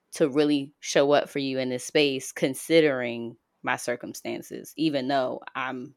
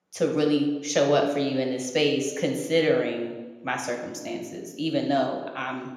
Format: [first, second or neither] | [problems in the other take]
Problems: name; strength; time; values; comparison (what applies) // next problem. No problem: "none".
first | room echo; noticeable; dies away in 0.9 s // off-mic speech; somewhat distant